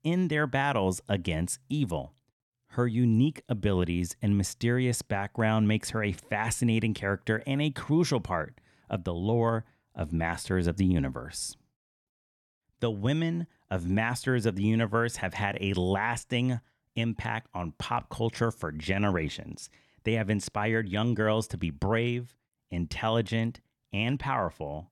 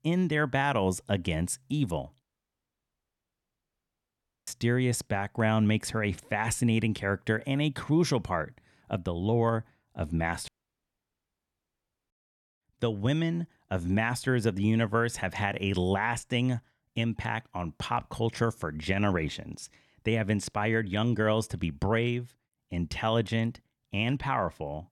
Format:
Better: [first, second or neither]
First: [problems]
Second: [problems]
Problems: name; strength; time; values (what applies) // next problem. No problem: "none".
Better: first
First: none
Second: audio cutting out; at 2 s for 2 s and at 10 s for 1.5 s